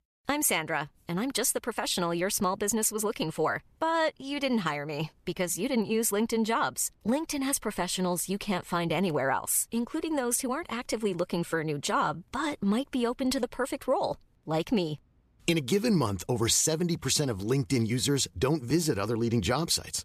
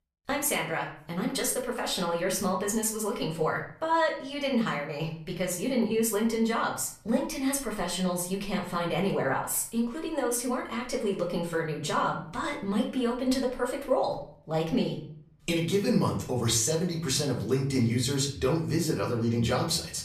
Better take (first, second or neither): first